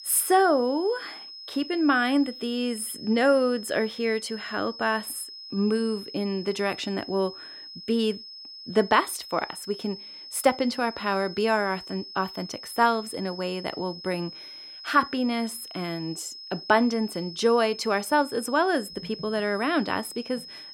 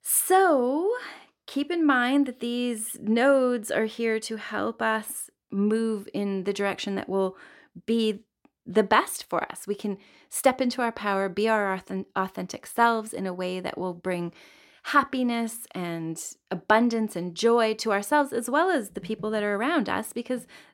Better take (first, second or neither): second